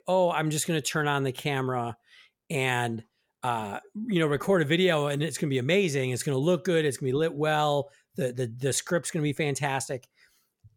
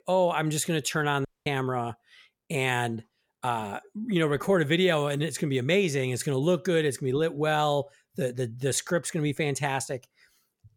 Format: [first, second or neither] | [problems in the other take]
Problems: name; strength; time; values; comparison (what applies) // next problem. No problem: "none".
first | audio cutting out; at 1.5 s